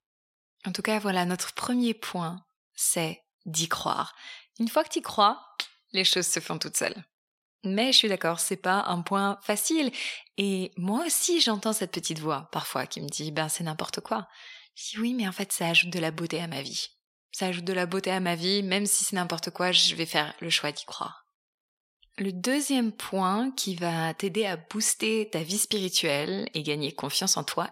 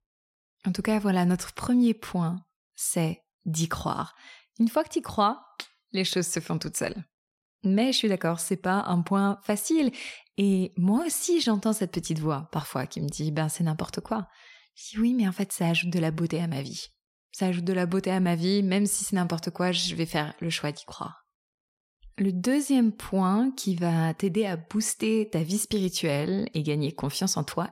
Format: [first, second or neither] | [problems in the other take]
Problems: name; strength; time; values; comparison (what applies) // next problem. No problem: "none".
second | thin; very slightly; fading below 550 Hz